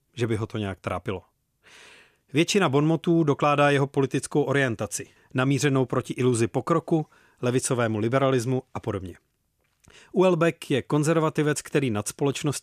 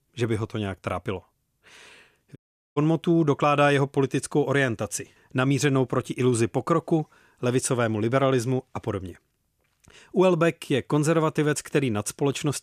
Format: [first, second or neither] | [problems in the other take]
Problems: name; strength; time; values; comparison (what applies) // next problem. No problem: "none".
first | audio cutting out; at 2.5 s